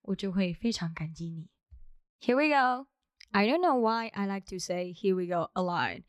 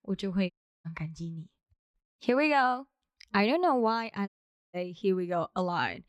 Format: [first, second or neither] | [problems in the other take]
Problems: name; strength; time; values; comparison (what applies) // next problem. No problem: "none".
first | audio cutting out; at 0.5 s, at 1.5 s and at 4.5 s